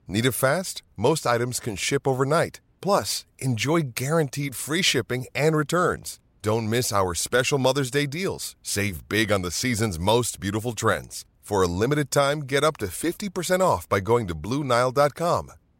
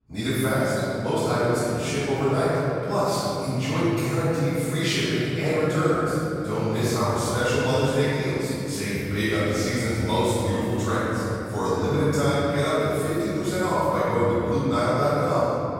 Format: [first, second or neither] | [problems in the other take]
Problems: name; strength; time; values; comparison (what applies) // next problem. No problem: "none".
first | room echo; strong; dies away in 3 s // off-mic speech; far